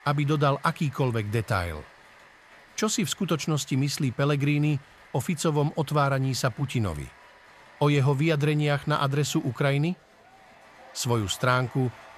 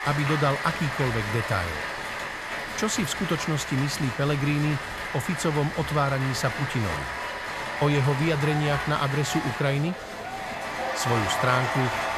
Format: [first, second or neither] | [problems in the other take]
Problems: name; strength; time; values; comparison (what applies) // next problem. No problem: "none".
first | crowd noise; loud; throughout; 4 dB below the speech; faint in the first